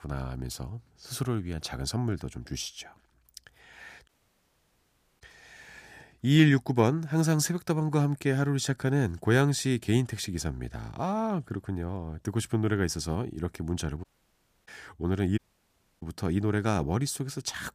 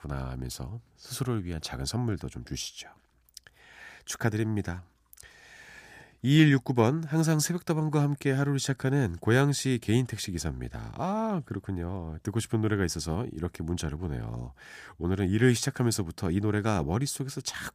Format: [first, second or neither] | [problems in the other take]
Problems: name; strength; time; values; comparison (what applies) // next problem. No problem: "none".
second | audio cutting out; at 4 s for 1 s, at 14 s for 0.5 s and at 15 s for 0.5 s